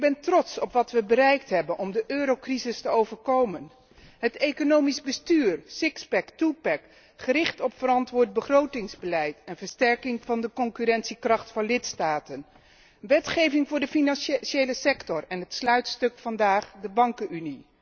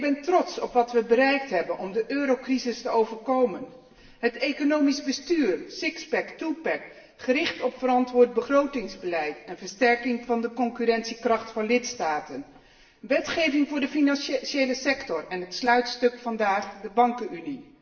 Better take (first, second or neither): first